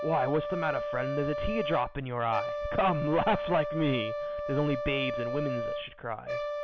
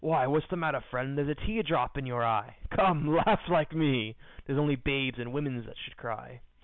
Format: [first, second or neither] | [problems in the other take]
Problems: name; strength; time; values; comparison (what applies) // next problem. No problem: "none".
second | background sound (Brass instrument); 3 dB below the speech